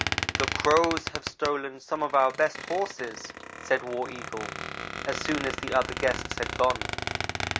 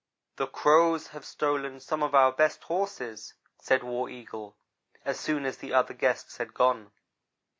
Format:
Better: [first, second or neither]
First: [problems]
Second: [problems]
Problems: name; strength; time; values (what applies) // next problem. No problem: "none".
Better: second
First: background sound (Squeak); 5 dB below the speech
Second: none